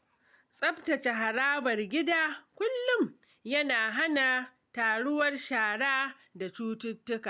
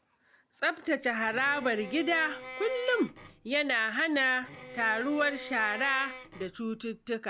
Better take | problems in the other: first | background sound (Bowed string instrument); 15 dB below the speech

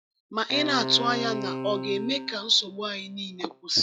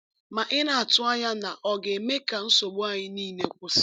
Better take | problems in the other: second | noise reduction (classical method log-MMSE)

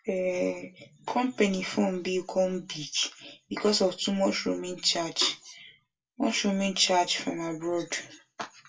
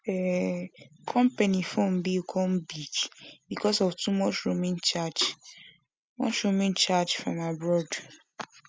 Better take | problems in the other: second | room echo; dies away in 0.2 s

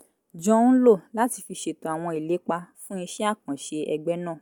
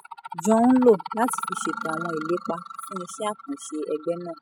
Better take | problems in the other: first | noise reduction (classical method spectral subtraction)

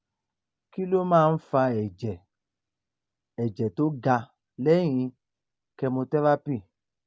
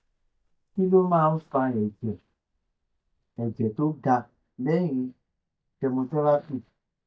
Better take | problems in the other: first | noise reduction (neural mask model DeepFilterNet 3)

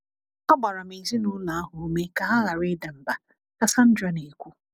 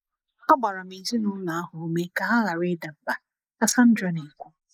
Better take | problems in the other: first | noise reduction (neural mask model Resemble Enhance denoiser)

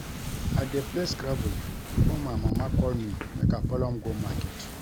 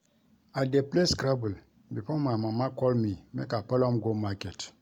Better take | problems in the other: second | background sound (Wind / Ocean); 5 dB above the speech

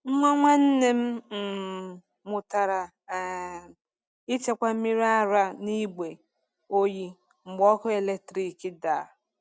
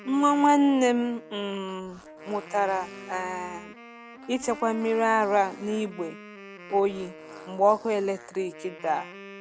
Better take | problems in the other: first | background sound (Wind instrument, woodwind instrument + Fart); 17 dB below the speech

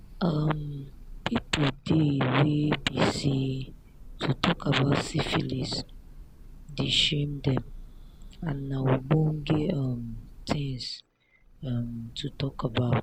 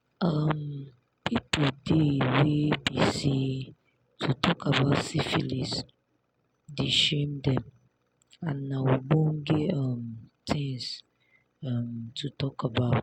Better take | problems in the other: second | background sound (Bird / Breathing); 16 dB below the speech

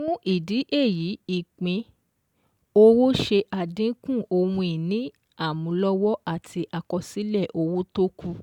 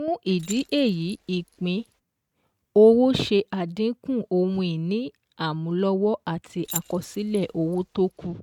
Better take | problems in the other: first | noise reduction (neural mask model RNNoise)

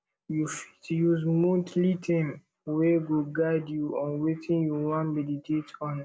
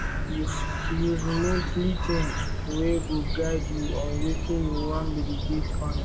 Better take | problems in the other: first | background sound (Bird); 2 dB above the speech

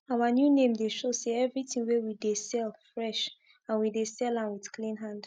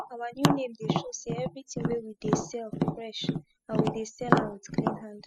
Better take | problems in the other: first | noise reduction (classical method spectral subtraction)

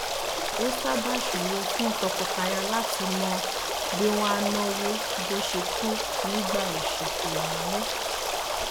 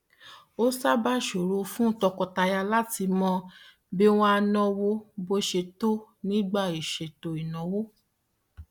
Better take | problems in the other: second | background sound (Stream); 3 dB above the speech

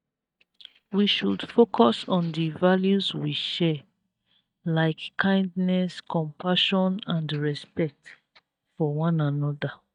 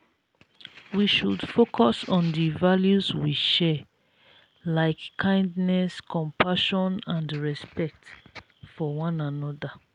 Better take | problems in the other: second | noise reduction (neural mask model DeepFilterNet 3)

